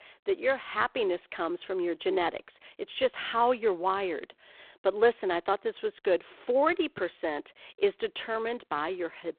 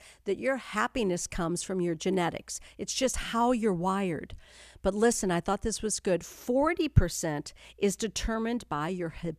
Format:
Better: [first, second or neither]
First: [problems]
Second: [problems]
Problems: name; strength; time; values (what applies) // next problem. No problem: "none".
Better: second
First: phone-call audio; poor line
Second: none